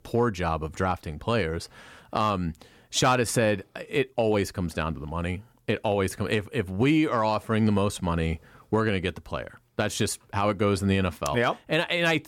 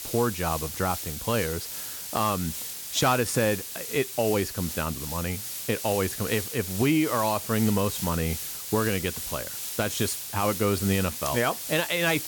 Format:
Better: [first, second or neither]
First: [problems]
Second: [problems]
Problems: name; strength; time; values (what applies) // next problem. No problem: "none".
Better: first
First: none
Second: hiss; loud; throughout; 5 dB below the speech